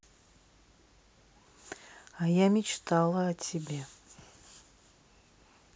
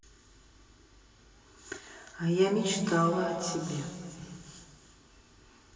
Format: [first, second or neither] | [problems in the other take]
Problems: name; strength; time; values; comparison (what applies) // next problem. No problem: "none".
first | room echo; dies away in 2.7 s